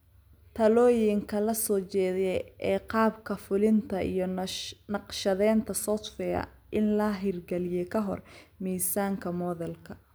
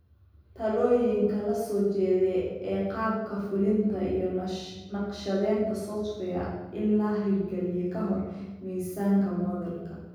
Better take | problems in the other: first | room echo; dies away in 1.3 s

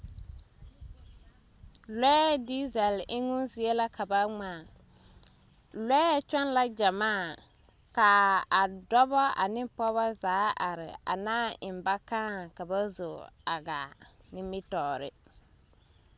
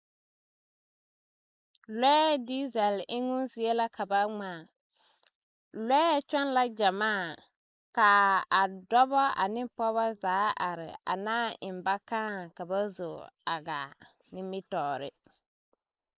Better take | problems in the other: first | noise reduction (neural mask model Resemble Enhance denoiser)

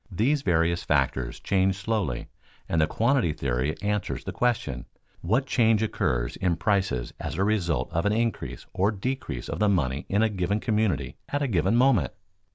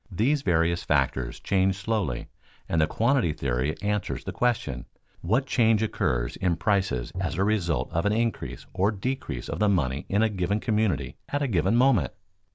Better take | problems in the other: first | background sound (Bowed string instrument); 16 dB below the speech

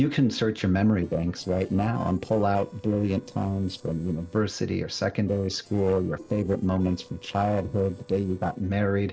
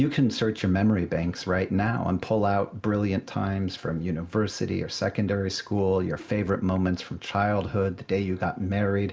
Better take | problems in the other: second | noise reduction (neural separator model SepFormer DNS4)

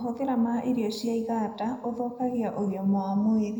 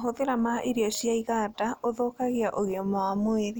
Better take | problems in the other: second | room echo; dies away in 0.8 s

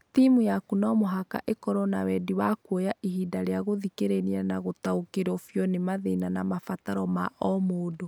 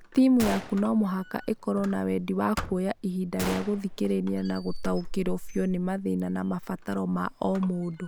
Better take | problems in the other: first | background sound (Gunshot, gunfire + Squeak); 11 dB below the speech

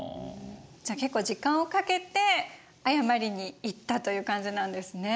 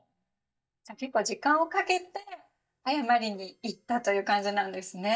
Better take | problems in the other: first | noise reduction (neural mask model DeepFilterNet 3)

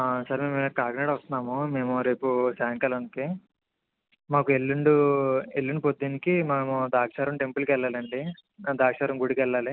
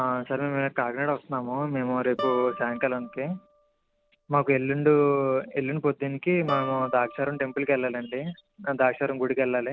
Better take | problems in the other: first | background sound (Guitar); 13 dB below the speech

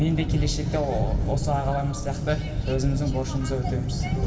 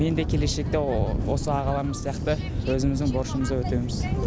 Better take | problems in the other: second | room echo; dies away in 2.4 s

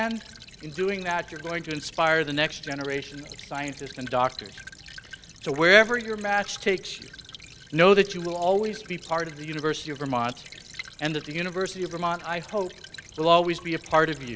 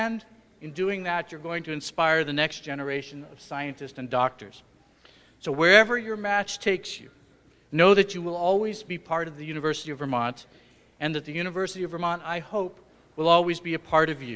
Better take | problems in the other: second | background sound (Stream / Trickle, dribble); 18 dB below the speech

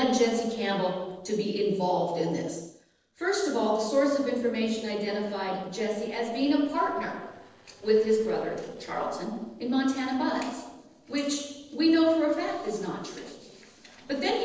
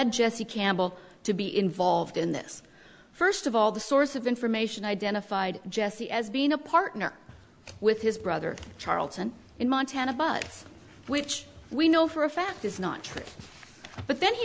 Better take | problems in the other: second | noise reduction (neural separator model SepFormer DNS4)

